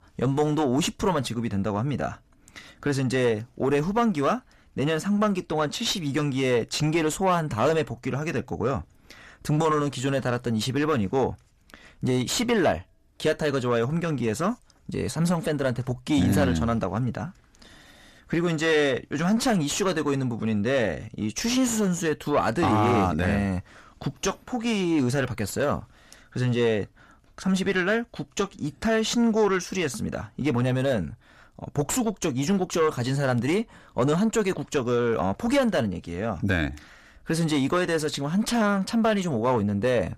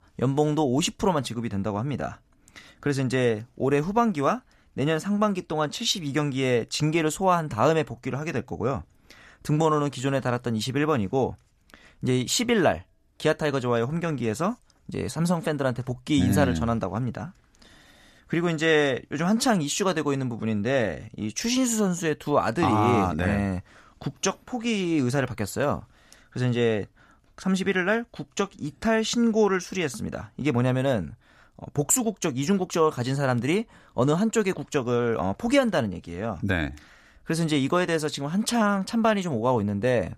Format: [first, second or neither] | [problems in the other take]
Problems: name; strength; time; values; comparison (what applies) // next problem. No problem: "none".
second | distortion; slight; 10 dB below the speech